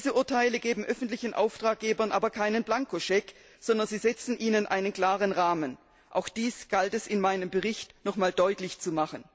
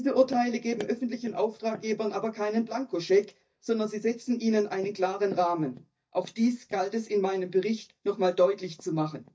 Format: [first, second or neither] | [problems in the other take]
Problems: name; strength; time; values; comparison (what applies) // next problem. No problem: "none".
first | noise reduction (neural mask model DeepFilterNet 3)